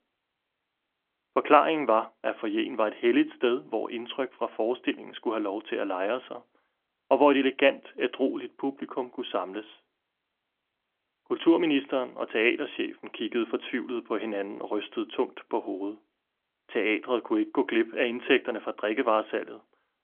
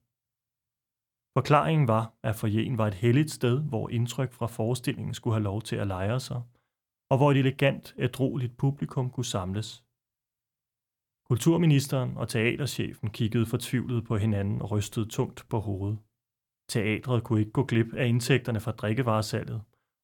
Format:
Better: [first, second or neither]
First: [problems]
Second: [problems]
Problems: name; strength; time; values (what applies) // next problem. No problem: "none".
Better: second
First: phone-call audio; nothing above 3.5 kHz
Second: none